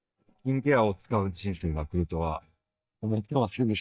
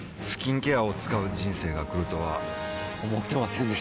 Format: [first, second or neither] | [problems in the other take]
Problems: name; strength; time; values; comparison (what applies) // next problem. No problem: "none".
second | noise reduction (neural mask model DeepFilterNet 3)